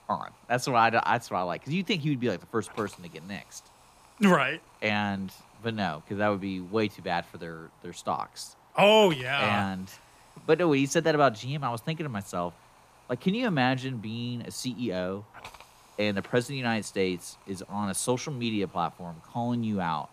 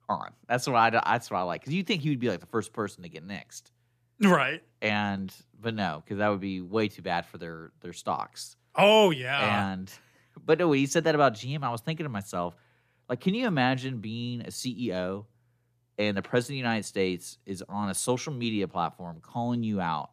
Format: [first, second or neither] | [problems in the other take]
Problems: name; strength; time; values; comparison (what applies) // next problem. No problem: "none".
second | hiss; faint; throughout; 25 dB below the speech